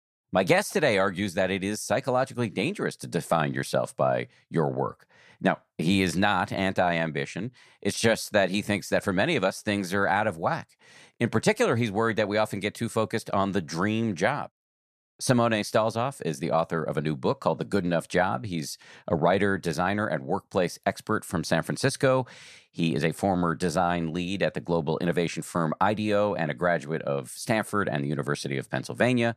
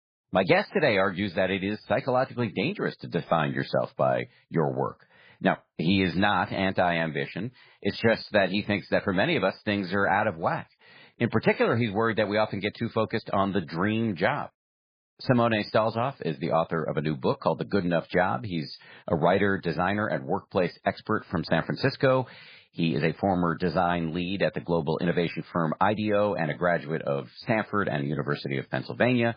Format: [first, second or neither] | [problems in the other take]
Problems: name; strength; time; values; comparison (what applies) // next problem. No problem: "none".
first | garbled, watery; badly; nothing above 4 kHz